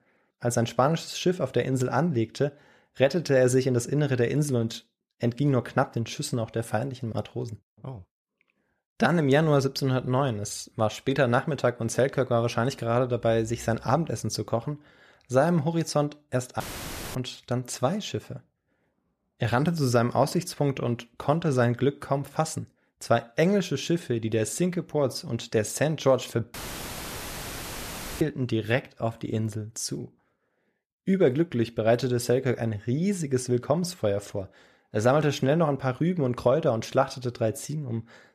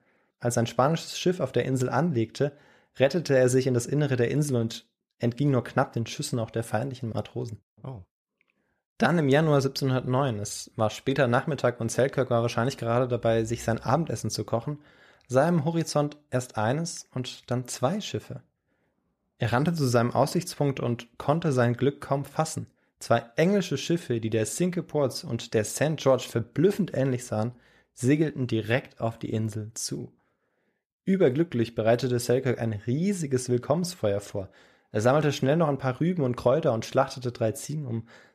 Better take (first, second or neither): second